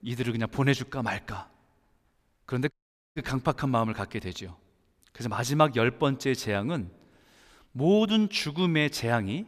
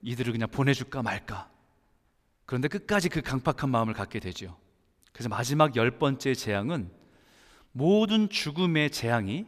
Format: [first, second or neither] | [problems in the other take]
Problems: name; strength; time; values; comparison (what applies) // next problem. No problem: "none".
second | audio cutting out; at 2.5 s